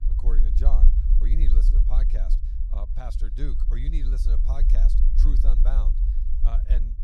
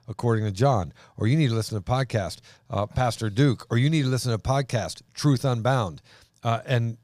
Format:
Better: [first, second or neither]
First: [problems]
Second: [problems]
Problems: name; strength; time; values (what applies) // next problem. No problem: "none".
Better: second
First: low rumble; loud; throughout; 3 dB below the speech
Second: none